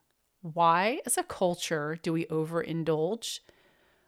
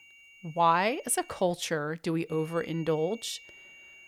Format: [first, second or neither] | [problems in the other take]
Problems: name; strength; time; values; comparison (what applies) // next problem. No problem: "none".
first | high-pitched whine; faint; until 1.5 s and from 2.5 s on; 3 kHz, 20 dB below the speech